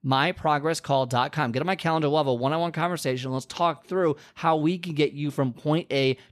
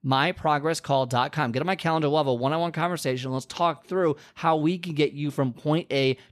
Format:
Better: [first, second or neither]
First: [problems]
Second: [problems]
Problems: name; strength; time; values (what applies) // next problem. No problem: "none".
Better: neither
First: none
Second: none